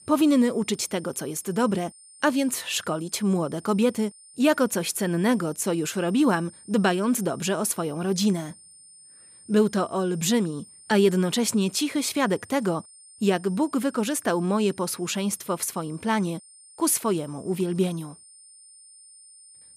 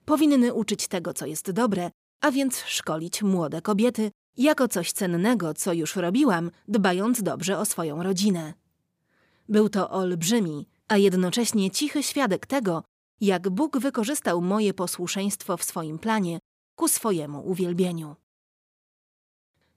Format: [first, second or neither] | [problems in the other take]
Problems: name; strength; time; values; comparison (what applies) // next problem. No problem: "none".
second | high-pitched whine; faint; throughout; 8.5 kHz, 20 dB below the speech